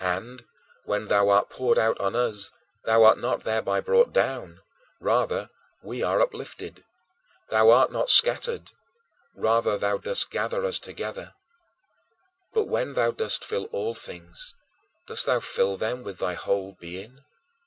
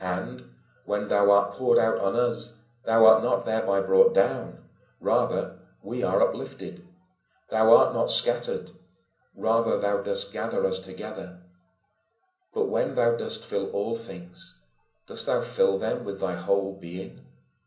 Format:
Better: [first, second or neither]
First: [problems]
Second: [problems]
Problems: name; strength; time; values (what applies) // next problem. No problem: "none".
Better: first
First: none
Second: room echo; dies away in 0.6 s